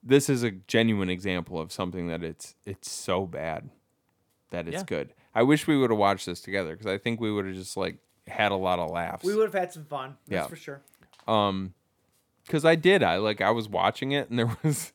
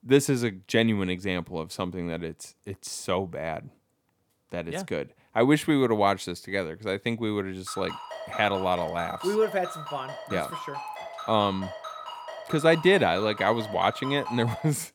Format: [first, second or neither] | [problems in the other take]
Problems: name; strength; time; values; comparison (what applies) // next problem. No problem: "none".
first | phone ringing; noticeable; from 7.5 s on; peak 9 dB below the speech